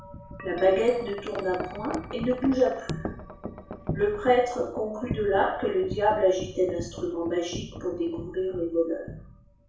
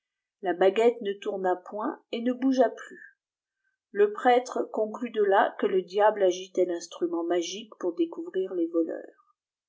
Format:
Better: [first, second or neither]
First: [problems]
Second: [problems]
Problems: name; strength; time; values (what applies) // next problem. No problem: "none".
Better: second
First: background sound (Wind chime); 11 dB below the speech // room echo; dies away in 0.5 s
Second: none